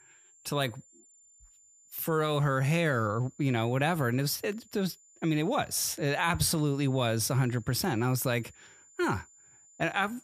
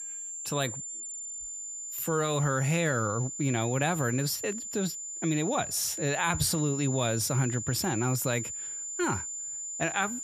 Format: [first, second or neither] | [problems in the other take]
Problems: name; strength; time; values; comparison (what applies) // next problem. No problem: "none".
first | high-pitched whine; loud; throughout; 7 kHz, 5 dB below the speech; faint in the first